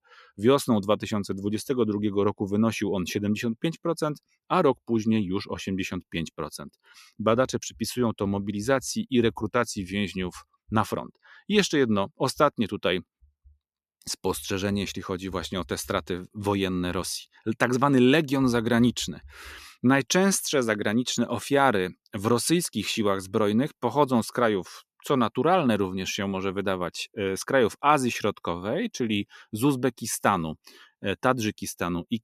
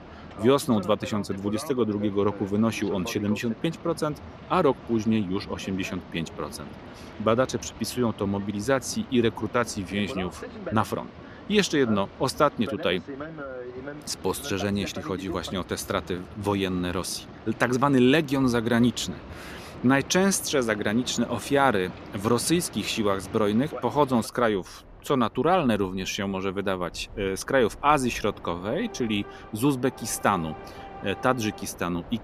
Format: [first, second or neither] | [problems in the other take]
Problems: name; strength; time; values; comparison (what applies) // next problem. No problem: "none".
first | train or aircraft noise; noticeable; throughout; 15 dB below the speech